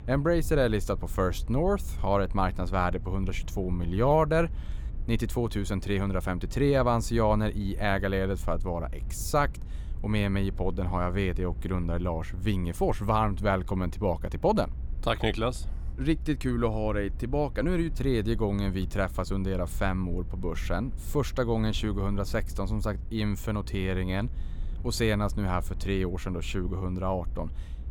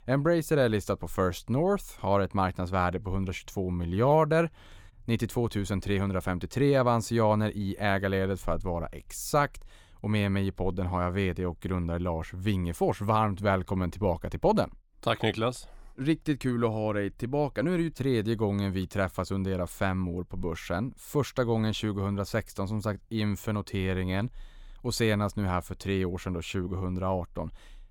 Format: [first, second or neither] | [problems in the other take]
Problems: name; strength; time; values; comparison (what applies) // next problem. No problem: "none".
second | low rumble; faint; throughout; 25 dB below the speech